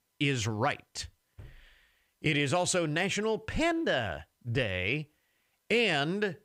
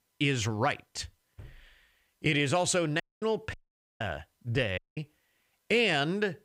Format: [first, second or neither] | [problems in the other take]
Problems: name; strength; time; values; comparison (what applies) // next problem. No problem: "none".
first | audio cutting out; at 3 s, at 3.5 s and at 5 s